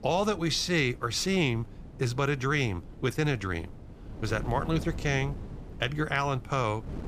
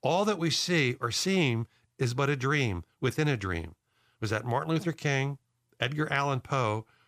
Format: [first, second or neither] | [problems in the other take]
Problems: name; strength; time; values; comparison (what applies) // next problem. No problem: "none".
second | wind noise on the microphone; occasional gusts; 20 dB below the speech